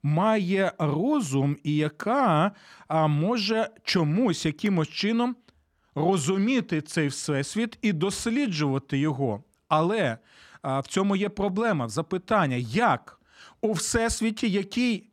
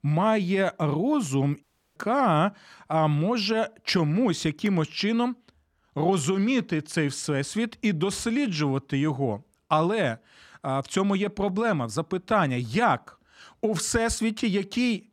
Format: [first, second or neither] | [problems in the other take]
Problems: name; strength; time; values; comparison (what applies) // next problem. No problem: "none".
first | audio cutting out; at 1.5 s